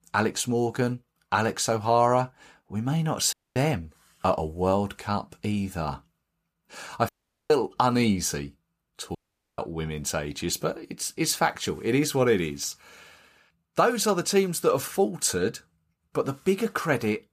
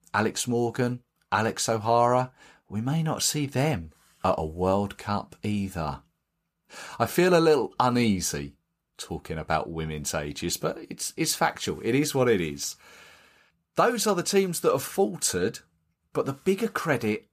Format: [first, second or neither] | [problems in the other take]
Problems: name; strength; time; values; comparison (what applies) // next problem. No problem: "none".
second | audio cutting out; at 3.5 s, at 7 s and at 9 s